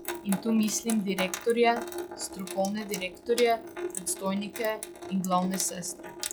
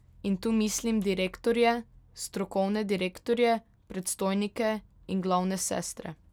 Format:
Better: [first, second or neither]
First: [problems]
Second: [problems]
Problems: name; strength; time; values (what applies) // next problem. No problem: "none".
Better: second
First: noise reduction (classical method log-MMSE)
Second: none